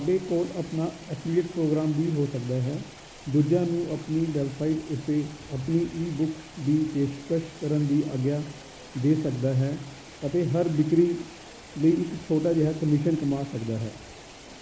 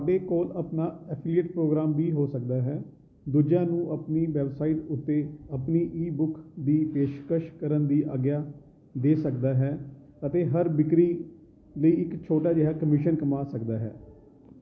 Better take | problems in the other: second | background sound (Bird + Bathtub (filling or washing)); 19 dB below the speech

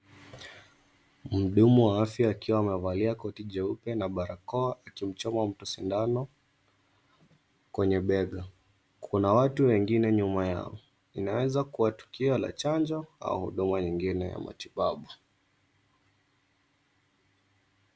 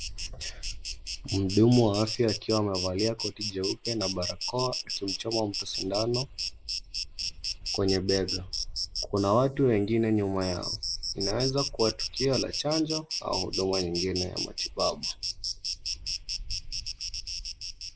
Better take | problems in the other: first | noise reduction (neural mask model Resemble Enhance denoiser)

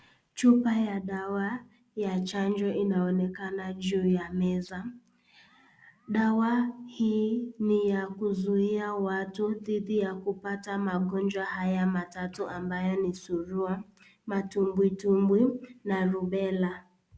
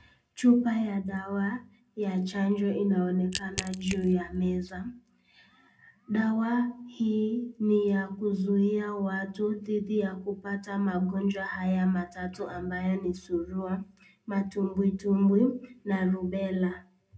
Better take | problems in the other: first | background sound (Crack / Crushing); 11 dB below the speech // room echo; dies away in 0.2 s

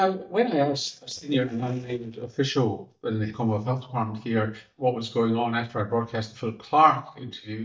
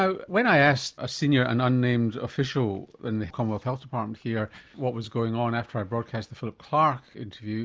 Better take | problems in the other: second | noise reduction (neural mask model DeepFilterNet 3)

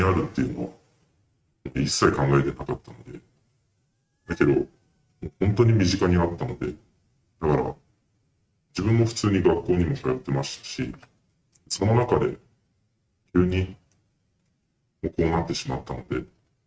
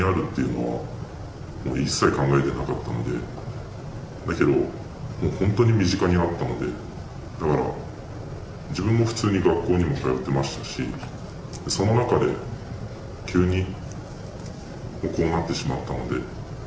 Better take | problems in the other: second | noise reduction (neural mask model RNNoise)

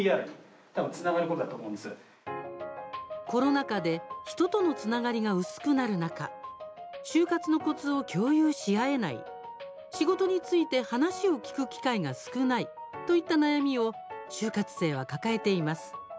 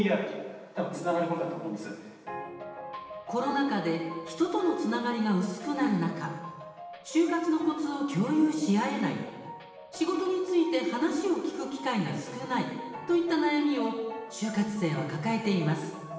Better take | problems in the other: first | room echo; dies away in 1.3 s

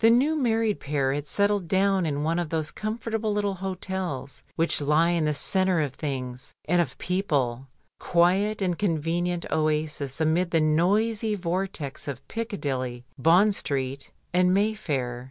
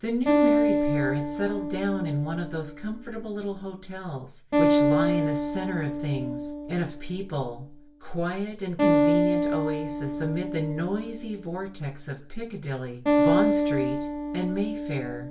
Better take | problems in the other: first | background sound (Acoustic guitar); 4 dB above the speech // room echo; dies away in 0.3 s

